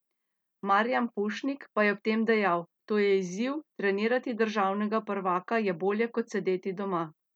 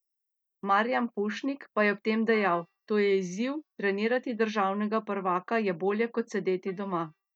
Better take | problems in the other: first | noise reduction (neural mask model DeepFilterNet 3)

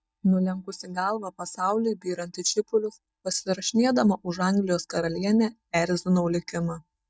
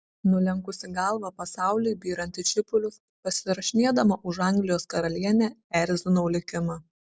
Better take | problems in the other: second | noise reduction (neural mask model DeepFilterNet 3)

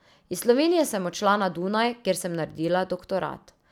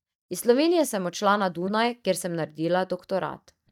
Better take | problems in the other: first | noise reduction (neural mask model DeepFilterNet 3)

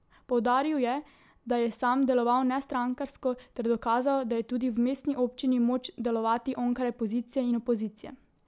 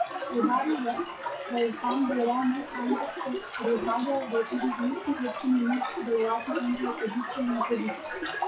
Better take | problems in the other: first | noise reduction (classical method WPE with log-MMSE)

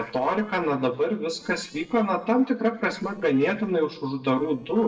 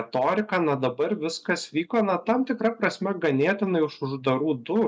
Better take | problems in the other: second | noise reduction (neural separator model SepFormer DNS4)

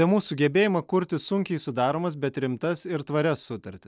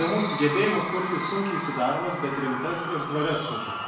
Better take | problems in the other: first | background sound (Crowd / Cheering); 5 dB below the speech // room echo; dies away in 0.7 s

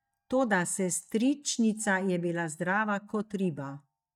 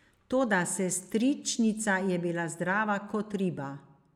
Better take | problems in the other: second | noise reduction (neural mask model DeepFilterNet 3)

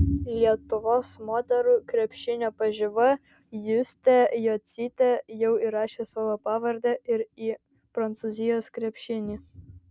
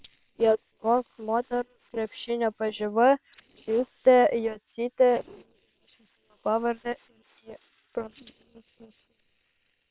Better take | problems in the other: first | noise reduction (neural separator model SepFormer WHAM!)

